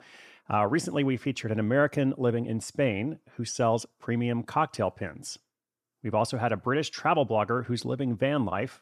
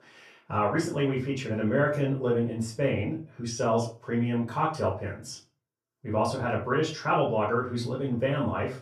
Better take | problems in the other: first | off-mic speech; far // room echo; slight; dies away in 0.3 s

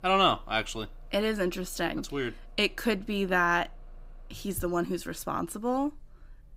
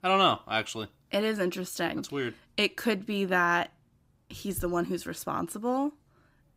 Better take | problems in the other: second | traffic noise; faint; throughout; 25 dB below the speech

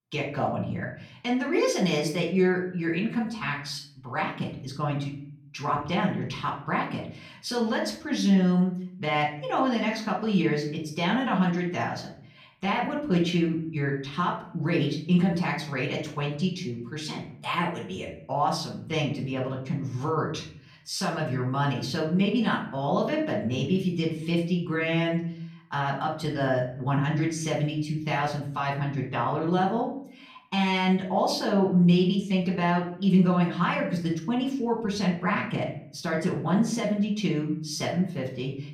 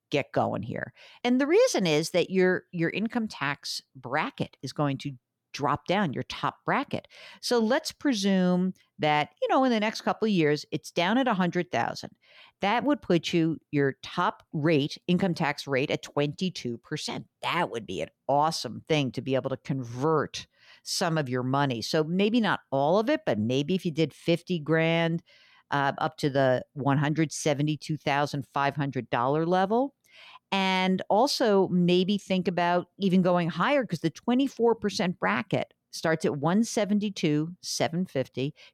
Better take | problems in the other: second | off-mic speech; far // room echo; slight; dies away in 0.5 s

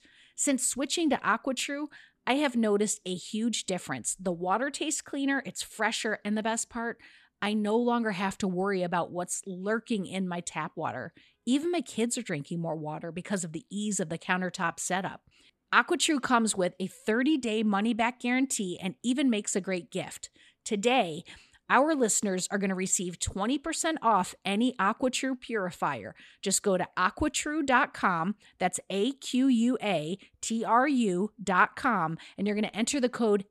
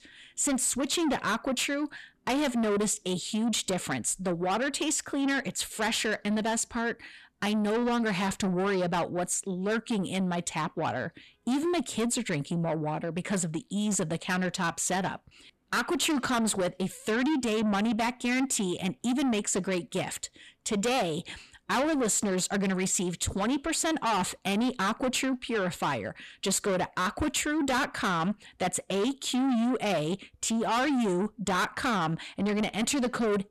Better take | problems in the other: first | distortion; heavy; 6 dB below the speech

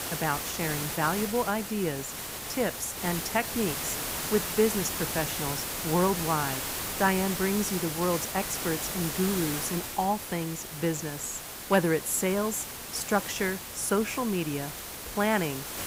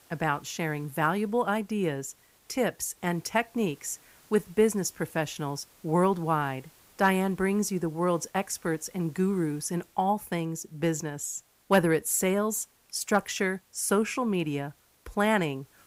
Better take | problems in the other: second | hiss; loud; throughout; 3 dB below the speech; faint in the second

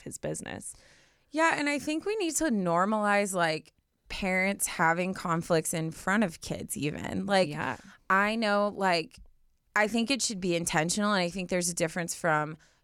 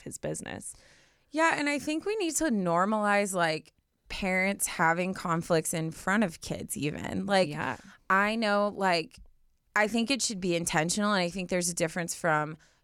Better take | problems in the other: neither | none

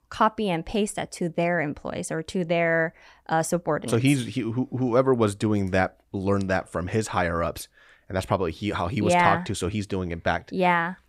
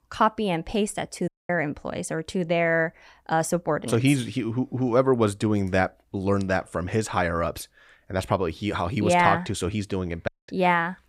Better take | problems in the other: first | audio cutting out; at 1.5 s and at 10 s

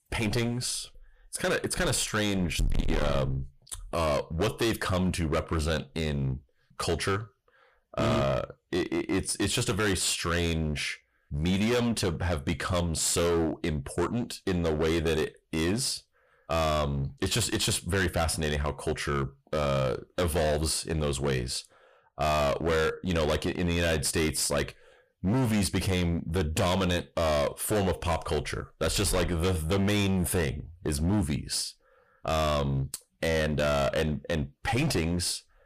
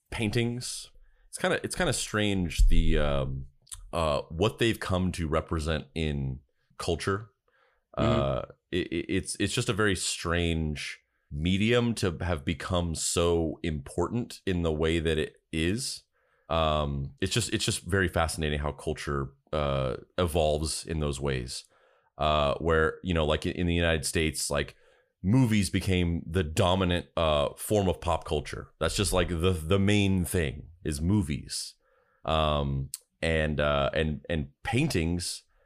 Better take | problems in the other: second | distortion; heavy; 18% of the sound clipped

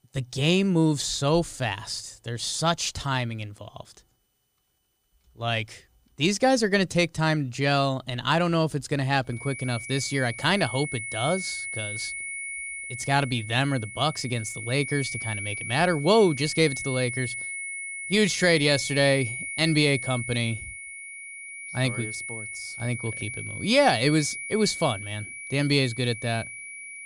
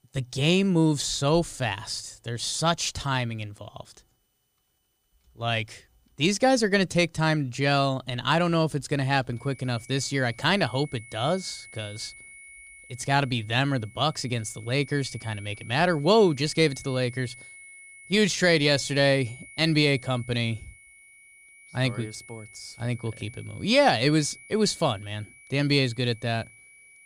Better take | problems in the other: second | high-pitched whine; loud; from 9.5 s on; 2 kHz, 8 dB below the speech; faint in the second

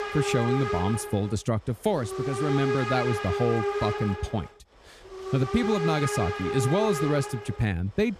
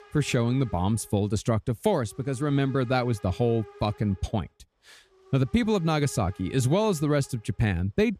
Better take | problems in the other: second | hiss; loud; throughout; 3 dB below the speech; faint in the second

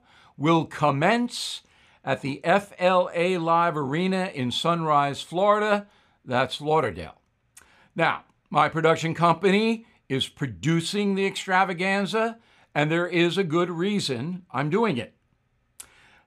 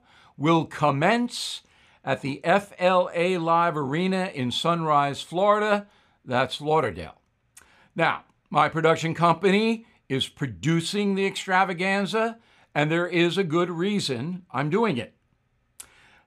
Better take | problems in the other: neither | none

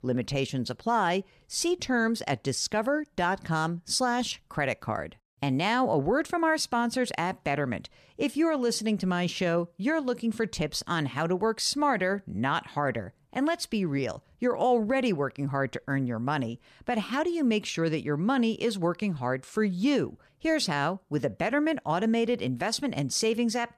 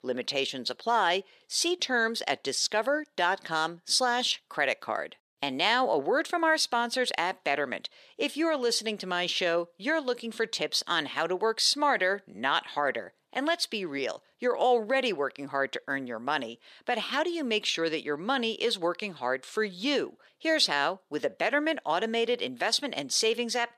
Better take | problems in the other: first | thin; somewhat; fading below 450 Hz

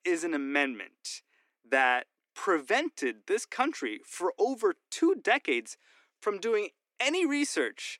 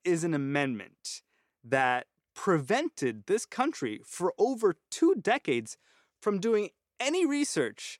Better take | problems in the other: second | thin; very slightly; fading below 250 Hz

